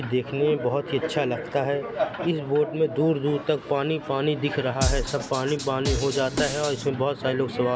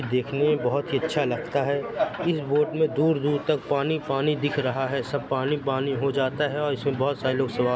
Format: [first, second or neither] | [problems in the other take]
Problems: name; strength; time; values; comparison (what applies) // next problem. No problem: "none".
second | background sound (Drum kit); 4 dB below the speech